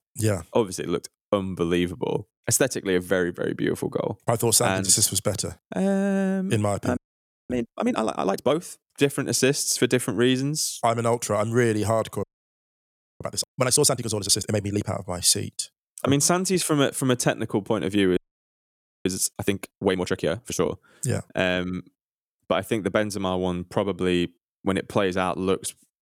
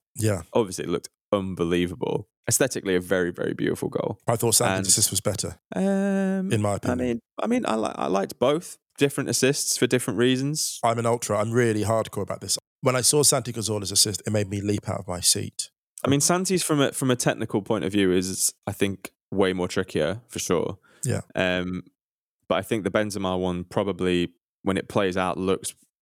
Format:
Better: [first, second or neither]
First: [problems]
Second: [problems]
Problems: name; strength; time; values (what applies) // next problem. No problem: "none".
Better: second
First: audio freezing; at 7 s for 0.5 s, at 12 s for 1 s and at 18 s for 1 s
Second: none